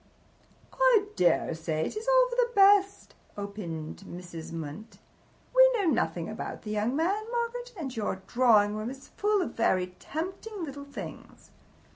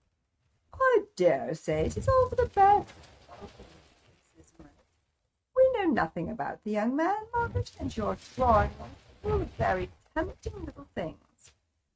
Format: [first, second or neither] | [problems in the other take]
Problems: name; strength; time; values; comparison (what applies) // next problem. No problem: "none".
first | noise reduction (neural mask model RNNoise)